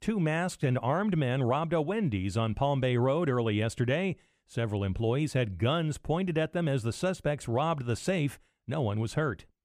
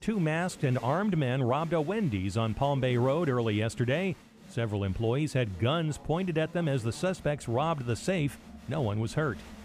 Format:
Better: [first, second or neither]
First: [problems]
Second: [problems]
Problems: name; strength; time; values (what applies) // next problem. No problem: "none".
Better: first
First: none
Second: crowd noise; noticeable; throughout; 20 dB below the speech